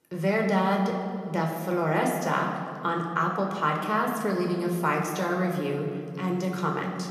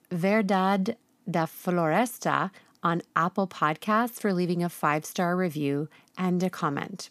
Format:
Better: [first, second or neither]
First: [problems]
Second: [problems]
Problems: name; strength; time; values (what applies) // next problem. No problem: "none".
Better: second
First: room echo; noticeable; dies away in 1.8 s // off-mic speech; somewhat distant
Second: none